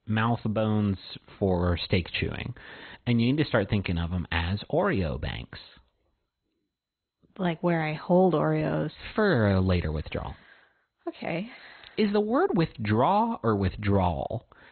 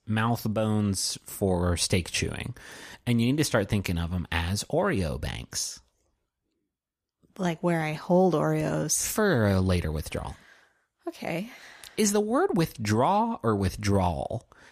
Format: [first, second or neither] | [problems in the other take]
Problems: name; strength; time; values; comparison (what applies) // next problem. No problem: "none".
second | garbled, watery; badly; nothing above 4 kHz